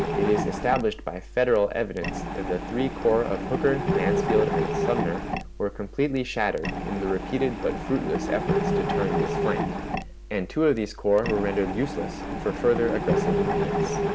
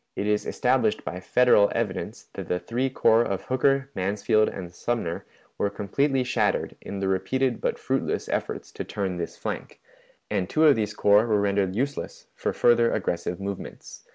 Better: second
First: background sound (Mechanisms); 1 dB below the speech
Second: none

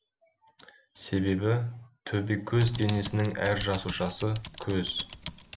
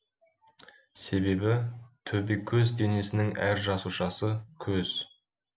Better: second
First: background sound (Typing); 12 dB below the speech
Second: none

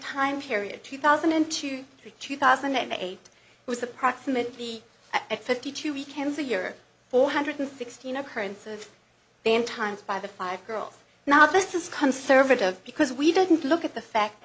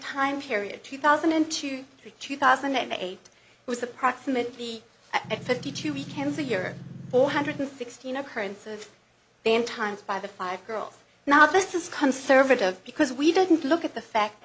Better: first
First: none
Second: background sound (Engine); 14 dB below the speech

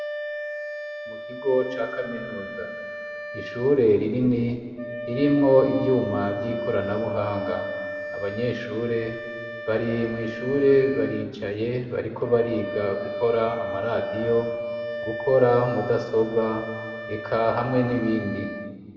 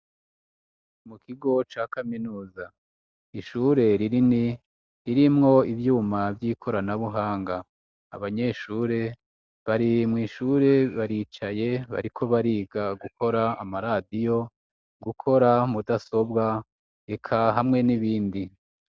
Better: second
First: background sound (Wind instrument, woodwind instrument); 8 dB below the speech // room echo; dies away in 2 s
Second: none

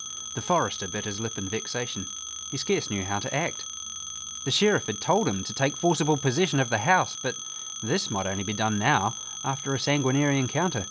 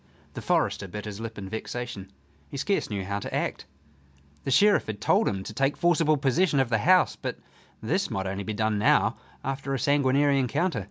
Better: second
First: background sound (Telephone); 9 dB below the speech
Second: none

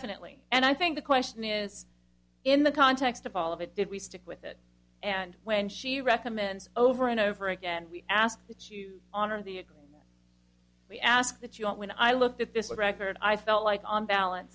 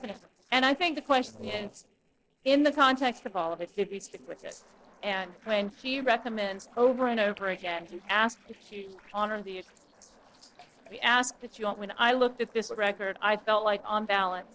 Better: first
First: none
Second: noise reduction (neural separator model SepFormer DNS4)

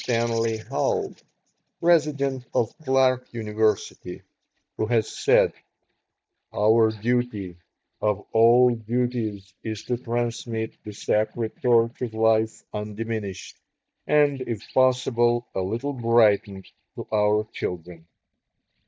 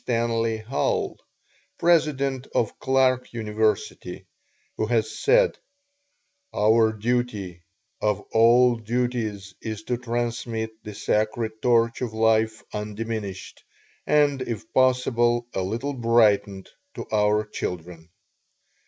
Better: second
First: noise reduction (neural mask model DeepFilterNet 3)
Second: none

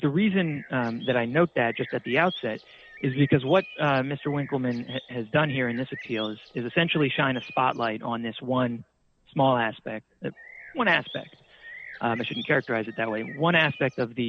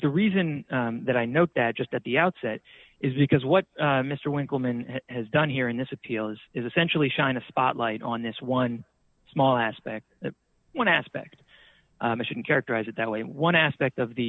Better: second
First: background sound (Bird); 18 dB below the speech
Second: none

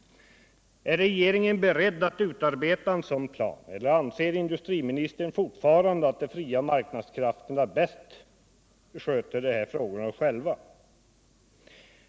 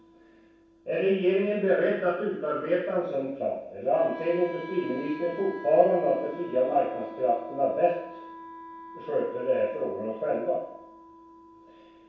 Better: first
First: none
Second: background sound (Wind instrument, woodwind instrument); 17 dB below the speech // room echo; dies away in 0.7 s

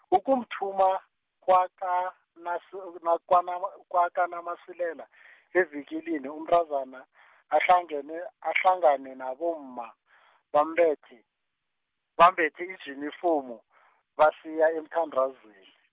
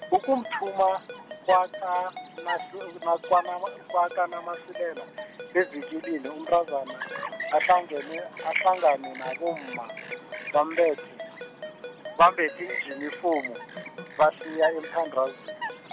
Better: first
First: none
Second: background sound (Ringtone + Chirp, tweet); 11 dB below the speech

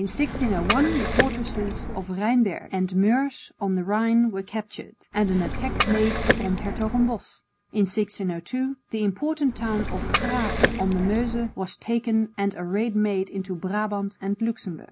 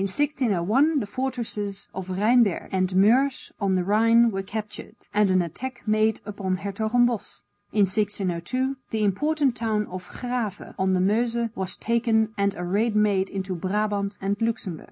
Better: second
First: background sound (Liquid); 1 dB below the speech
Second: none

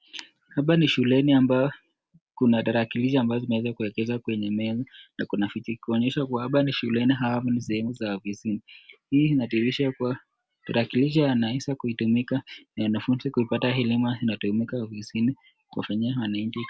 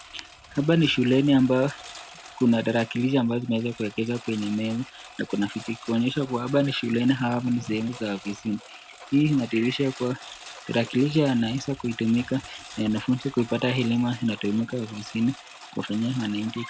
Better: first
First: none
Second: background sound (Engine); 19 dB below the speech

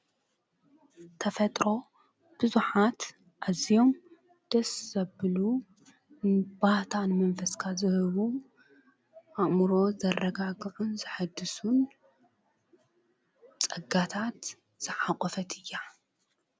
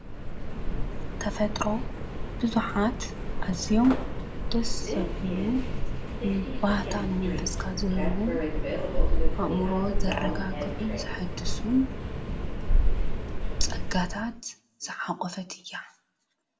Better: first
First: none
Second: background sound (Subway, metro, underground); 4 dB above the speech // room echo; dies away in 0.3 s

